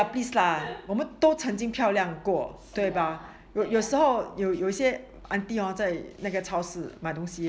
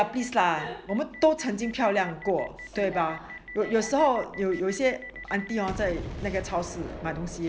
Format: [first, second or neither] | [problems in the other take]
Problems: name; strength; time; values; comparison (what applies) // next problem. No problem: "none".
first | background sound (Boom); 14 dB below the speech